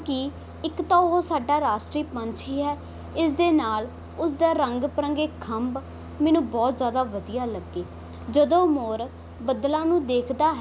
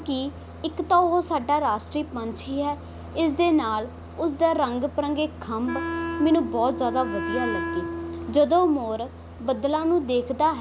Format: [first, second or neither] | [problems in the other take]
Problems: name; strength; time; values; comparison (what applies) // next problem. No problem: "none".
first | background sound (Wind instrument, woodwind instrument); 6 dB below the speech